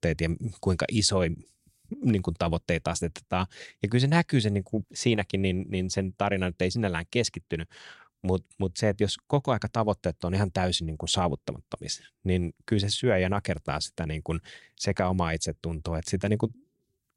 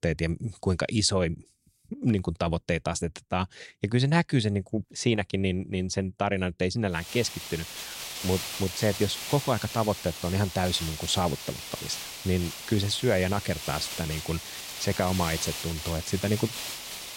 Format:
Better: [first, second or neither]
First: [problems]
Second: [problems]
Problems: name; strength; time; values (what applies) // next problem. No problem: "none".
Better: first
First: none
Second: hiss; loud; from 7 s on; 7 dB below the speech